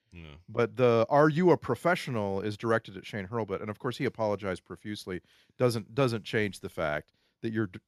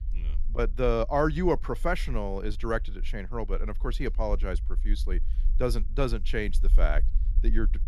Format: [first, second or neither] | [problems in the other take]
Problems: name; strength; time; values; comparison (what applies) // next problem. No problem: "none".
first | low rumble; faint; throughout; 25 dB below the speech